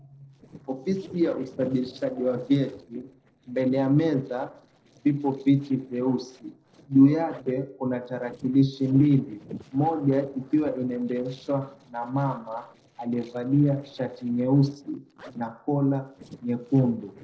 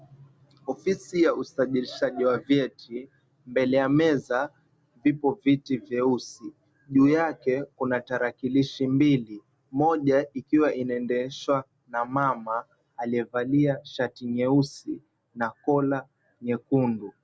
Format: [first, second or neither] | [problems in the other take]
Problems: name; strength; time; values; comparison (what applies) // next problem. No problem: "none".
second | noise reduction (neural separator model SepFormer DNS4)